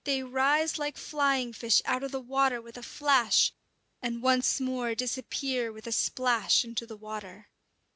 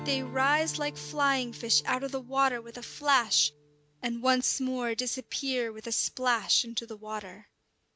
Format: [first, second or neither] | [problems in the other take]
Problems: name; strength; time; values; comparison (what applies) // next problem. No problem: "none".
first | background sound (Strum); 19 dB below the speech